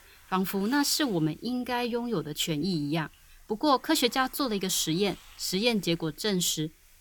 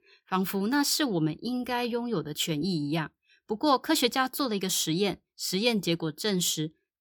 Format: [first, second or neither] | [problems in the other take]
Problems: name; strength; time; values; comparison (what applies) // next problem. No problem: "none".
second | hiss; faint; throughout; 25 dB below the speech